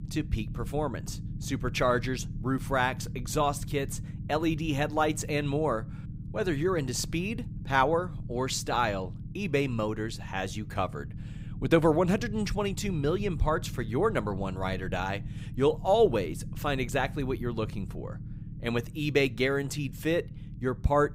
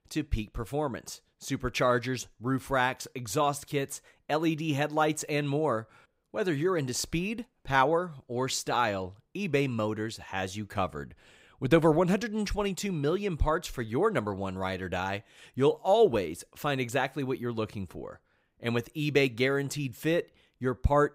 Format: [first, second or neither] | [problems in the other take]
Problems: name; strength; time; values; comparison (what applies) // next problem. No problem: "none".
second | low rumble; faint; throughout; 20 dB below the speech